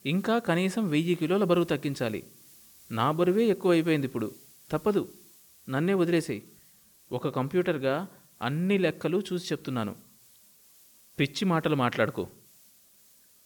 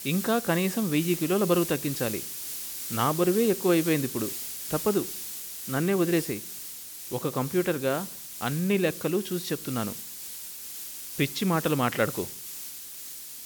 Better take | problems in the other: first | hiss; loud; throughout; 7 dB below the speech; faint in the first

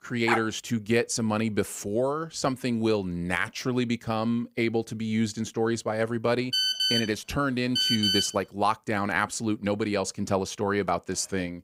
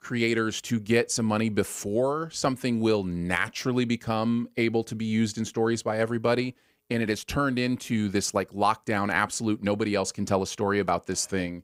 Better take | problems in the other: second | dog barking; noticeable; at 0.5 s; peak 1 dB below the speech // phone ringing; loud; from 6.5 to 8.5 s; peak 5 dB above the speech

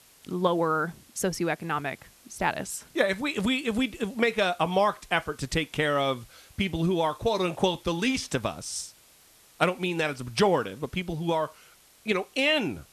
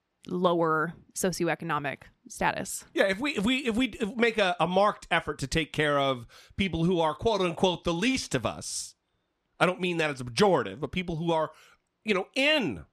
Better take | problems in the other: second | hiss; faint; throughout; 25 dB below the speech

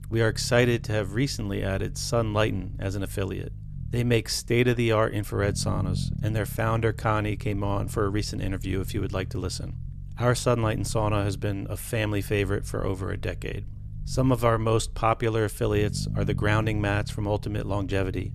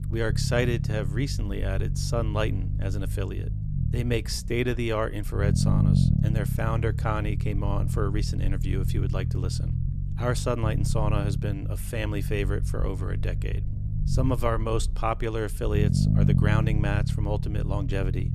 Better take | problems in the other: first | low rumble; loud; throughout; 8 dB below the speech; faint in the first

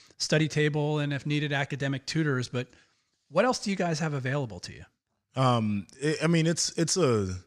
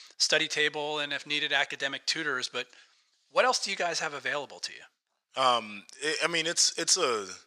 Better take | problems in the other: first | thin; very; fading below 650 Hz

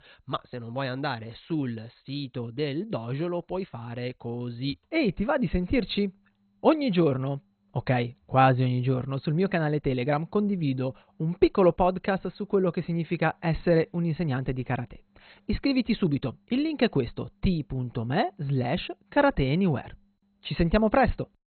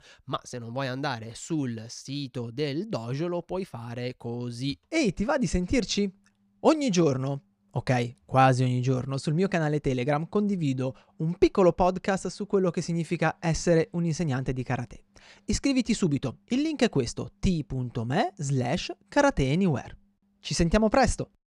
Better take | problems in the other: second | garbled, watery; badly; nothing above 4 kHz

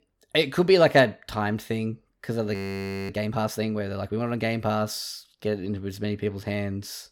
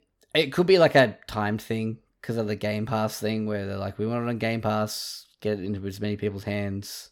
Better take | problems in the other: second | audio freezing; at 2.5 s for 0.5 s

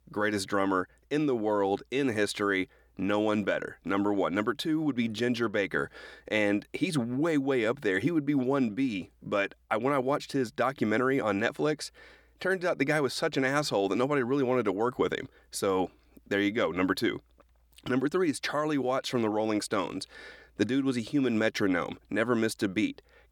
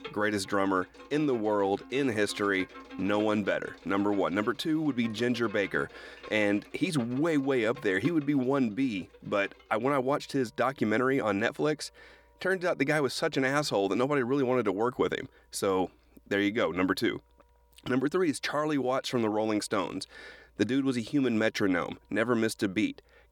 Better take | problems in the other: first | background music; faint; throughout; 20 dB below the speech

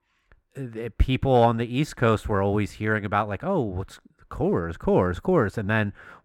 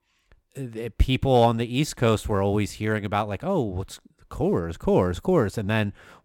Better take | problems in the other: second | muffled; slightly; fading above 3 kHz

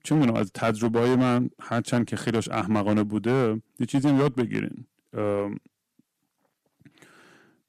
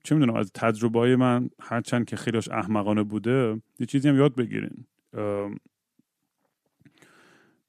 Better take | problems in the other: second | distortion; slight; 6% of the sound clipped

